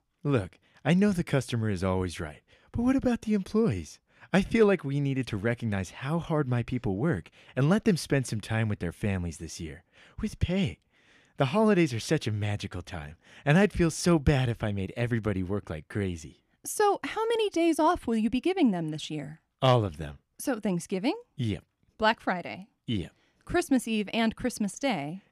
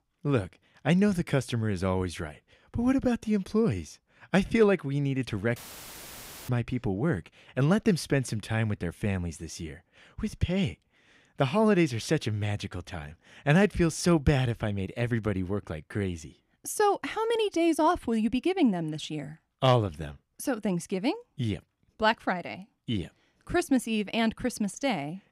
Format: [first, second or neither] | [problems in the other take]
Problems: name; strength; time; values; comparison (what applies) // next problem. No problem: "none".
first | audio cutting out; filled with static; at 5.5 s for 1 s